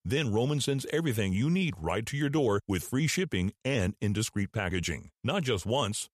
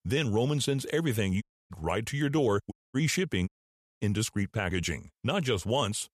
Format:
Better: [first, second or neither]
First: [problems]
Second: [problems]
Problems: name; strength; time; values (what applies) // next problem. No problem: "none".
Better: first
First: none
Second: audio cutting out; at 1.5 s, at 2.5 s and at 3.5 s for 0.5 s